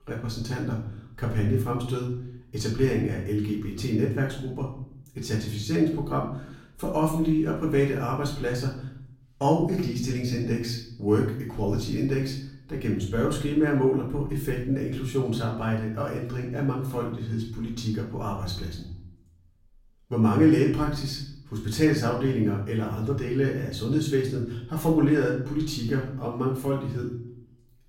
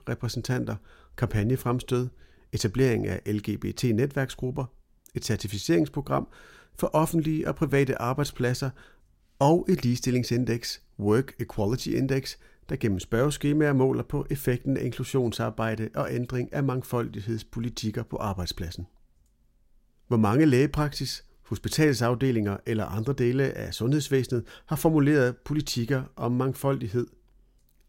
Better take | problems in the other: second | off-mic speech; far // room echo; noticeable; dies away in 0.6 s

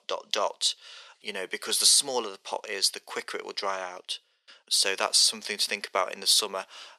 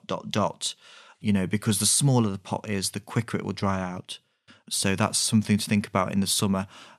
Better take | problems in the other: second | thin; very; fading below 450 Hz

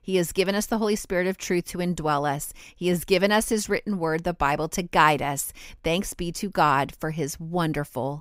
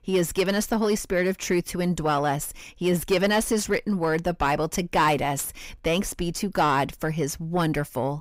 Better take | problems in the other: first | distortion; slight; 10 dB below the speech

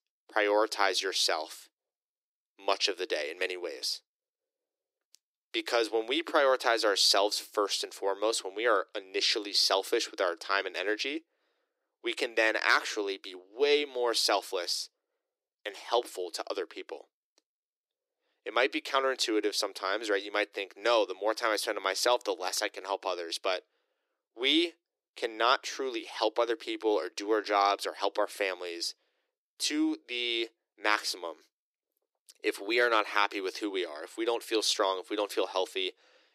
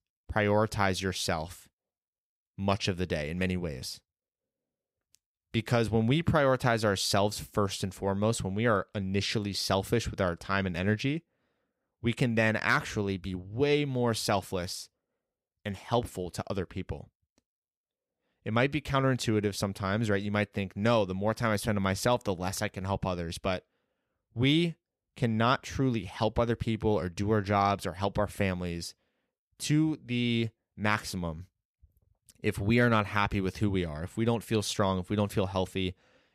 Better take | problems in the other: second | thin; very; fading below 300 Hz

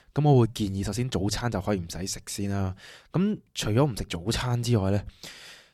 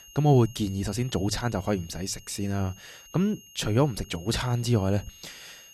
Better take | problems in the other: first | high-pitched whine; faint; throughout; 3 kHz, 20 dB below the speech

